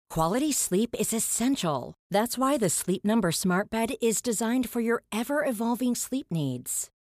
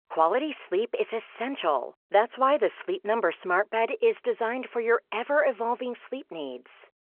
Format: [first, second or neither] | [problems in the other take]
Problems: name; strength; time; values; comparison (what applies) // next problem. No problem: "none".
first | phone-call audio